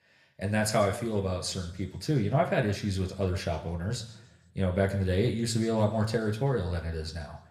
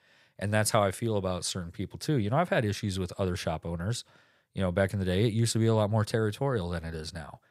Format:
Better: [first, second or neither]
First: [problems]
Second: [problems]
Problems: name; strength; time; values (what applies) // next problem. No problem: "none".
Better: second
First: room echo; slight; dies away in 0.7 s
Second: none